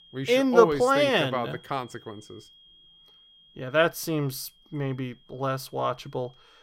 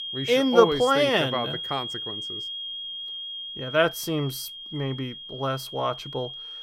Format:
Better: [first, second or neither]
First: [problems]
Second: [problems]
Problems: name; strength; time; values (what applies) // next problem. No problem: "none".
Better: first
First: high-pitched whine; faint; throughout; 3.5 kHz, 30 dB below the speech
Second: high-pitched whine; loud; throughout; 3.5 kHz, 8 dB below the speech